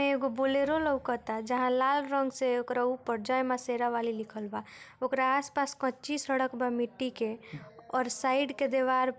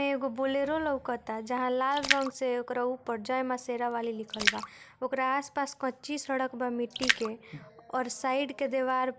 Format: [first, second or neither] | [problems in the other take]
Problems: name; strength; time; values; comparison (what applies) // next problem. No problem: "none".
first | background sound (Splash, splatter); 5 dB below the speech